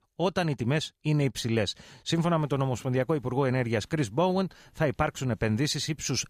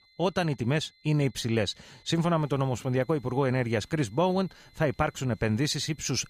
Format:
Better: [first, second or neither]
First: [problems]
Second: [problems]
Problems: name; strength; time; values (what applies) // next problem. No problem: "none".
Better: first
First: none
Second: high-pitched whine; faint; throughout; 4 kHz, 30 dB below the speech